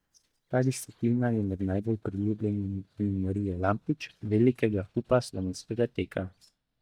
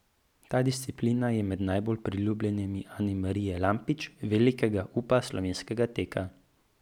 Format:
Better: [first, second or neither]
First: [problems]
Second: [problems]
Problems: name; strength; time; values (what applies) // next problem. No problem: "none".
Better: second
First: noise reduction (neural mask model DeepFilterNet 3)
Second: none